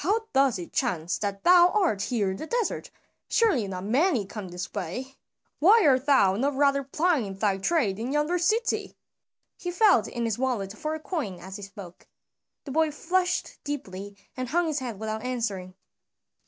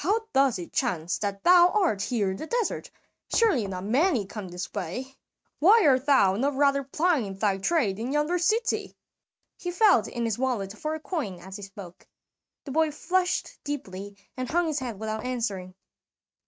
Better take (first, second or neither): first